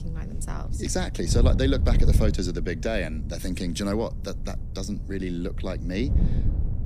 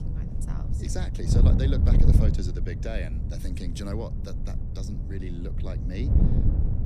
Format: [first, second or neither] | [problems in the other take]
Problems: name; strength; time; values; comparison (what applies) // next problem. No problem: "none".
first | wind noise on the microphone; heavy; as loud as the speech; occasional gusts in the first